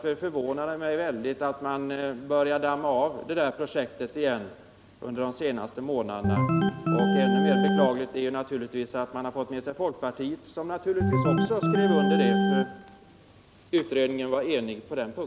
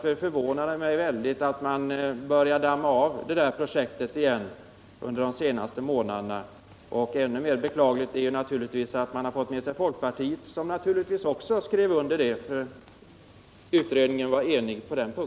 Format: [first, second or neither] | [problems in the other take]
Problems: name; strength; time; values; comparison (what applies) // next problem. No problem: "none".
second | background sound (Organ); 3 dB above the speech